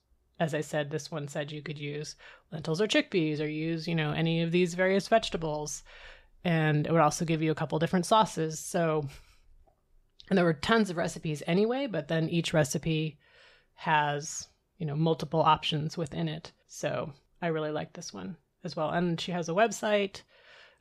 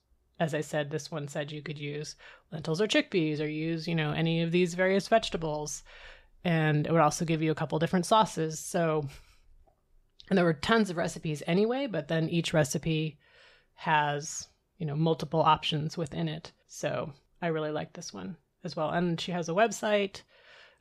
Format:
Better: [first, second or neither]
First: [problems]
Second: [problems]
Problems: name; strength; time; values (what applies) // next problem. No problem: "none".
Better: neither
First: none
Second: none